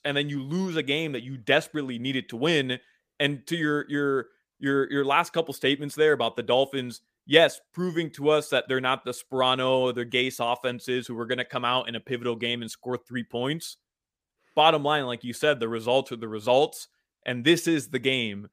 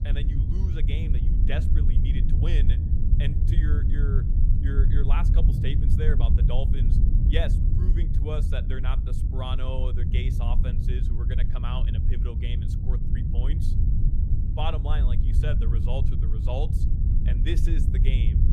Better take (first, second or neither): first